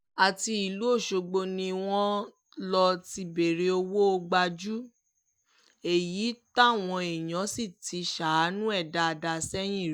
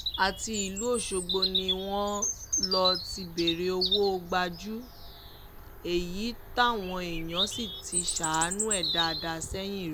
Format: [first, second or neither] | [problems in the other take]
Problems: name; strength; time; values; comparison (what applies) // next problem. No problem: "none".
first | background sound (Bird vocalization, bird call, bird song); 2 dB below the speech